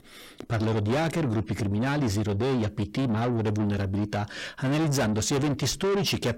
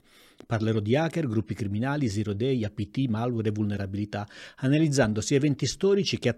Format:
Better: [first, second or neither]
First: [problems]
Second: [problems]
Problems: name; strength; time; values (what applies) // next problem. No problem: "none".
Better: second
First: distortion; heavy; 7 dB below the speech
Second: none